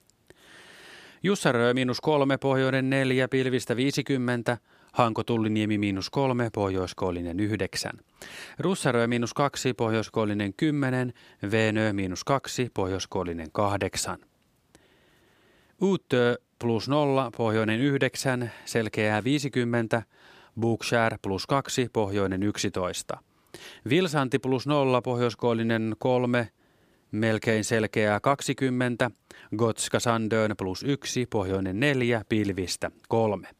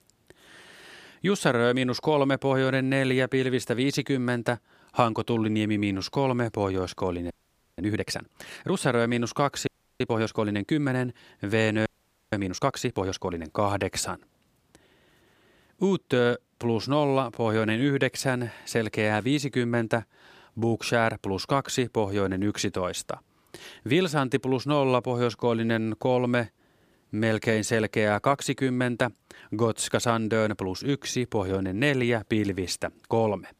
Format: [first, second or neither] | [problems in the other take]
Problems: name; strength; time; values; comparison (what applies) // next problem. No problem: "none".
first | audio freezing; at 7.5 s, at 9.5 s and at 12 s